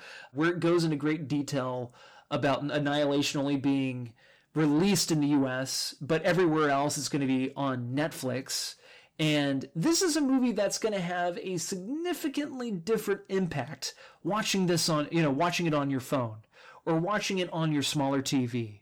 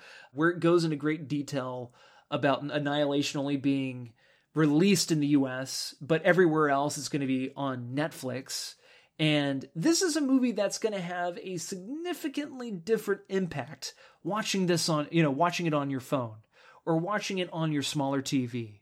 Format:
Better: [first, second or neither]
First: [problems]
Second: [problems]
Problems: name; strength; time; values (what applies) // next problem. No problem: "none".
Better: second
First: distortion; slight; 10 dB below the speech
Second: none